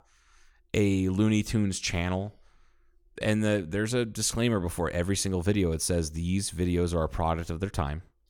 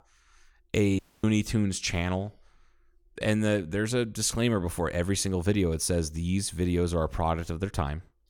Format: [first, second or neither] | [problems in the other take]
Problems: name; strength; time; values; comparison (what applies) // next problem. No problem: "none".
first | audio cutting out; at 1 s